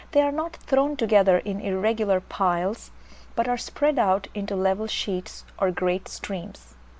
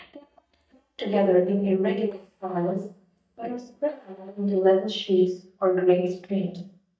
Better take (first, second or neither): first